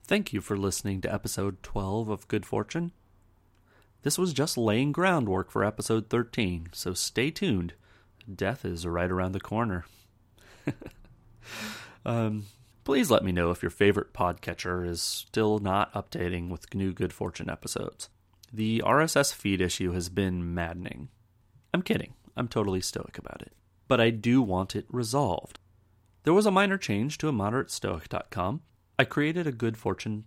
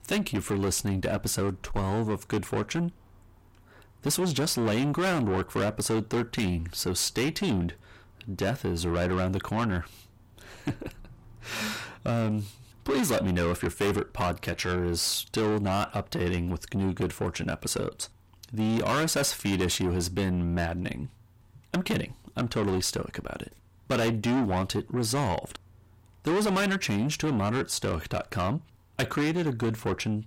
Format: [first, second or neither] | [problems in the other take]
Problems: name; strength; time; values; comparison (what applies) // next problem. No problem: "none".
first | distortion; heavy; 6 dB below the speech